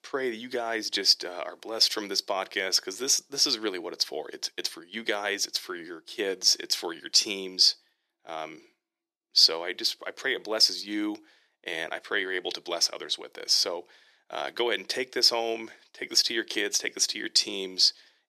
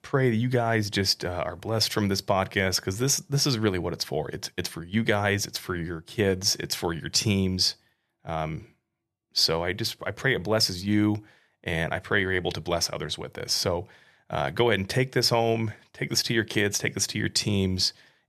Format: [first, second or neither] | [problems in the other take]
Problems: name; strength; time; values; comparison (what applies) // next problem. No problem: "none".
second | thin; somewhat; fading below 300 Hz